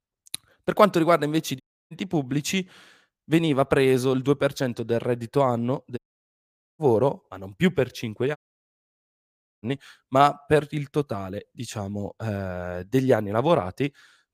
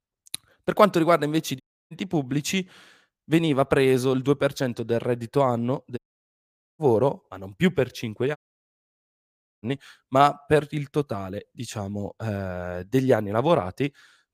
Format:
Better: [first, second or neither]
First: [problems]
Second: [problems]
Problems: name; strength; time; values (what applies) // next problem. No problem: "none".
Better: neither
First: audio cutting out; at 1.5 s, at 6 s for 1 s and at 8.5 s for 1.5 s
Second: audio cutting out; at 1.5 s, at 6 s for 1 s and at 8.5 s for 1.5 s